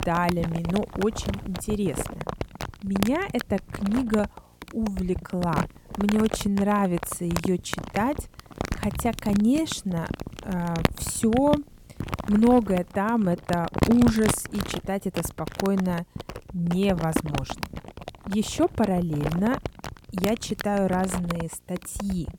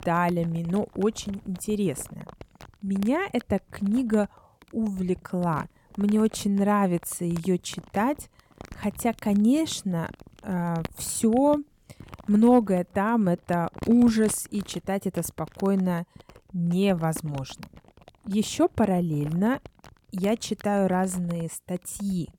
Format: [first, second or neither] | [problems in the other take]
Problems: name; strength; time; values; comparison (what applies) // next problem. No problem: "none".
second | household noises; loud; throughout; 8 dB below the speech; faint in the second